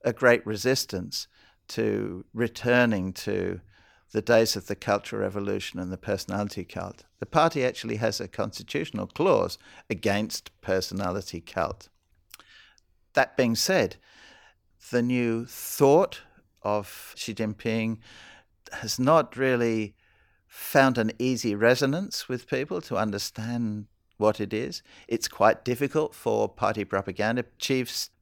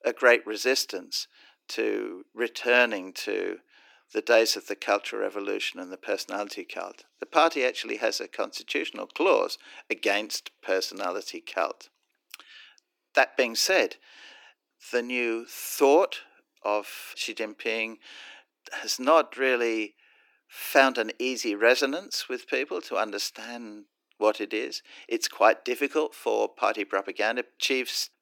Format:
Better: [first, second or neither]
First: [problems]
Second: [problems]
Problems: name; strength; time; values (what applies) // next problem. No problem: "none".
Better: first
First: none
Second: thin; somewhat; fading below 300 Hz